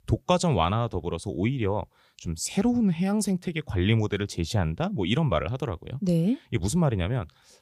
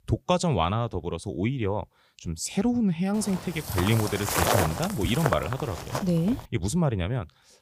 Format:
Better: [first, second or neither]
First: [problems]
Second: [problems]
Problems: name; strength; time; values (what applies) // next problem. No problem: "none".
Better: first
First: none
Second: footsteps; loud; from 3 to 6.5 s; peak 4 dB above the speech